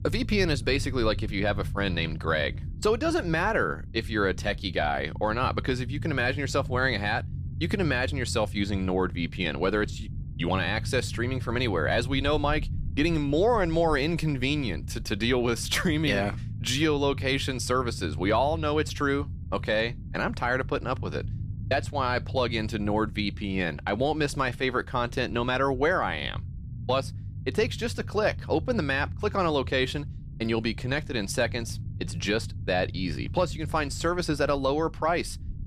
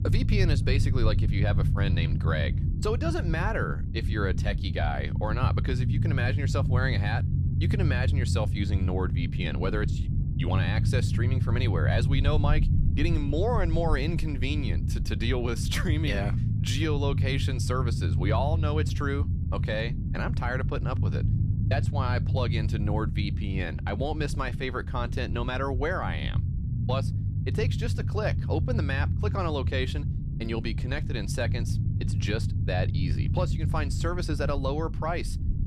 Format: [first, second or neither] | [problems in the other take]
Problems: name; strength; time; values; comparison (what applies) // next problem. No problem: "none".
first | low rumble; loud; throughout; 8 dB below the speech; faint in the first